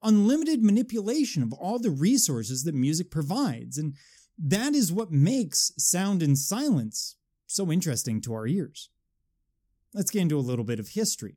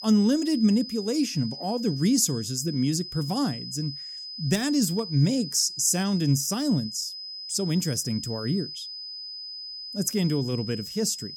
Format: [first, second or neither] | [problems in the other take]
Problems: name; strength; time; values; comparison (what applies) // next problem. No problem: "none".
first | high-pitched whine; loud; throughout; 5 kHz, 10 dB below the speech